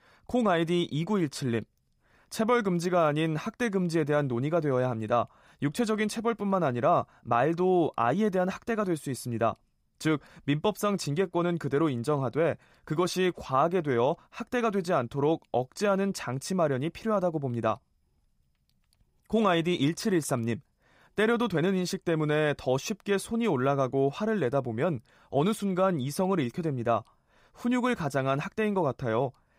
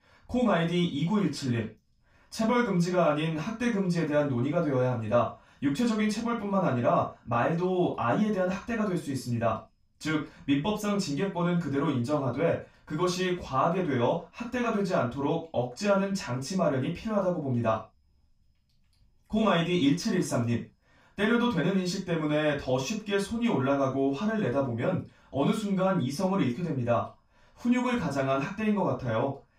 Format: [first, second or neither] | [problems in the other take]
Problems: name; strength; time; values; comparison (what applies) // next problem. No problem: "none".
first | room echo; noticeable; dies away in 0.2 s // off-mic speech; far